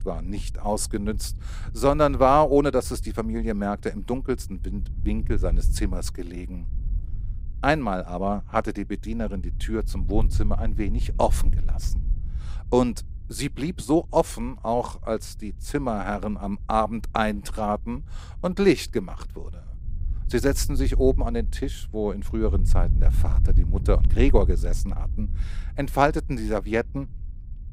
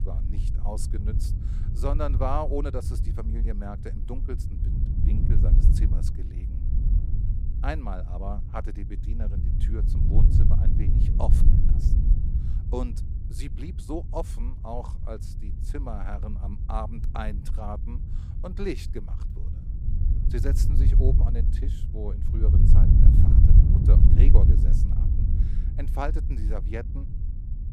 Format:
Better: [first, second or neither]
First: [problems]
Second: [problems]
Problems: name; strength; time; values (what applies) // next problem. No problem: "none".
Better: first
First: wind noise on the microphone; occasional gusts; 25 dB below the speech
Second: wind noise on the microphone; heavy; 4 dB below the speech